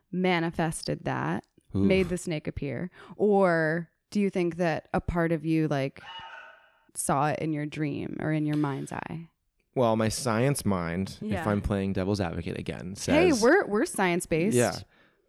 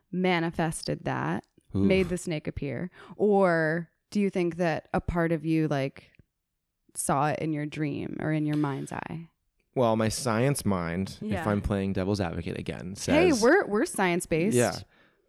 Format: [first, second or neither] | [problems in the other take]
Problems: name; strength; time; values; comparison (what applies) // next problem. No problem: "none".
second | alarm; faint; at 6 s; peak 15 dB below the speech